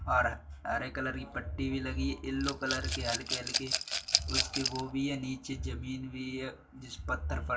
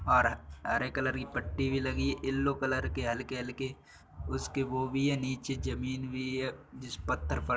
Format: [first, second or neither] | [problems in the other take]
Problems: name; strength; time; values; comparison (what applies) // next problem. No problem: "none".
second | background sound (Rattle / Glass); as loud as the speech // room echo; dies away in 0.2 s